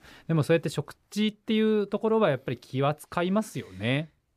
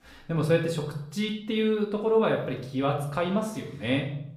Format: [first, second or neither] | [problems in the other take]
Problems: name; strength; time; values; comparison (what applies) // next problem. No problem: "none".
first | room echo; slight; dies away in 0.6 s // off-mic speech; somewhat distant